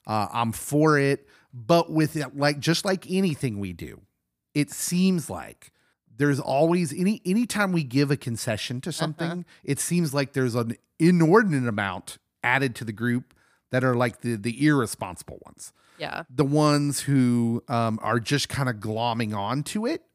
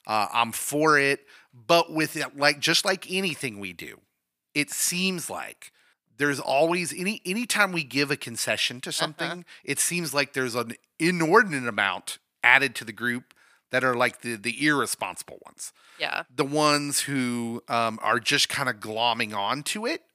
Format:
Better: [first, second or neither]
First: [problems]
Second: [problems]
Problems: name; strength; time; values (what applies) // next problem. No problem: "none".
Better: first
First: none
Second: thin; somewhat; fading below 800 Hz